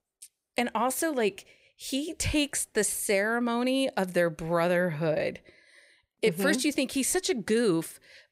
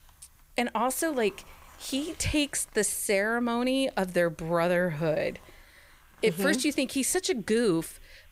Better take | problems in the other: first | hiss; faint; throughout; 25 dB below the speech

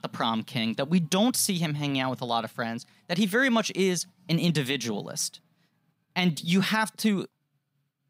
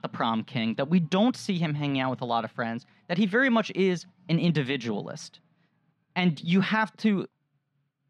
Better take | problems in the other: first | muffled; slightly; fading above 3 kHz

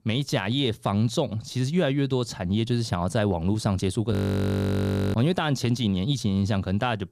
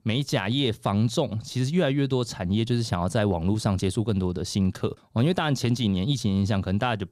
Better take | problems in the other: second | audio freezing; at 4 s for 1 s

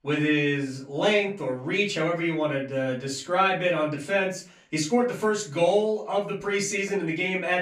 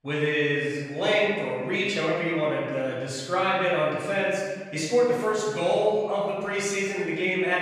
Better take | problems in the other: first | room echo; strong; dies away in 1.4 s; slight in the first // off-mic speech; far; far in the first

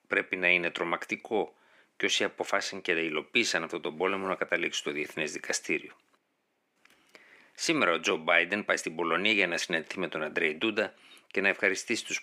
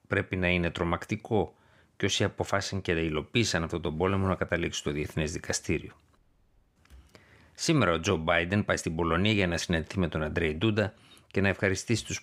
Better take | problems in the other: second | thin; somewhat; fading below 250 Hz

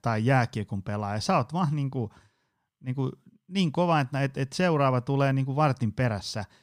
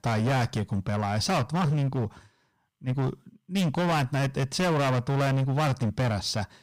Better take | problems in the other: first | distortion; heavy; 25% of the sound clipped

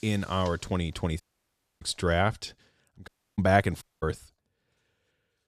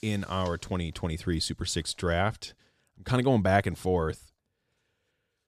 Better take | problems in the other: second | audio cutting out; at 1 s for 0.5 s, at 3 s and at 4 s

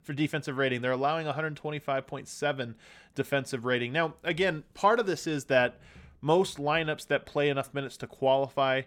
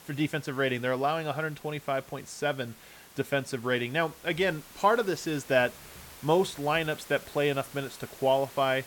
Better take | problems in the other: first | hiss; noticeable; throughout; 20 dB below the speech

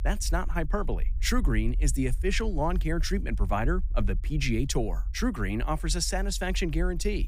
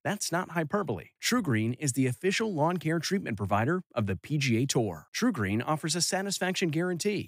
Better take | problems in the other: second | low rumble; faint; throughout; 25 dB below the speech

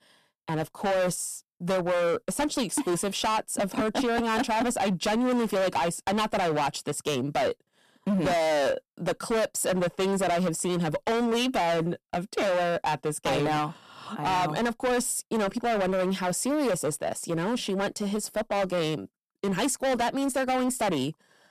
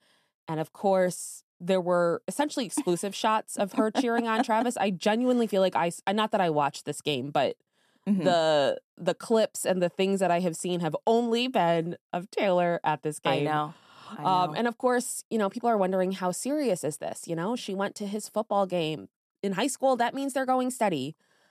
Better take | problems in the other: second | distortion; heavy; 22% of the sound clipped

